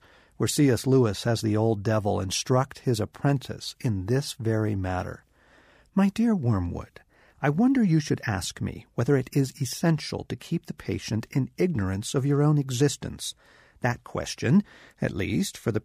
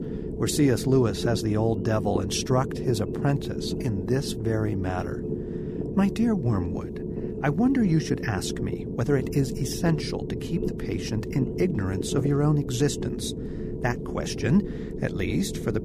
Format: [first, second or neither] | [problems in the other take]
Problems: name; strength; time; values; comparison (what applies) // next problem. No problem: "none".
first | low rumble; loud; throughout; 6 dB below the speech